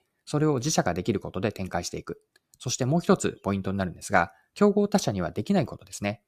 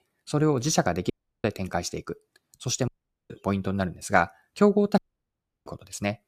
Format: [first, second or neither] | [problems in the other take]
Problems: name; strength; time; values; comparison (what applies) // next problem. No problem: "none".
first | audio cutting out; at 1 s, at 3 s and at 5 s for 0.5 s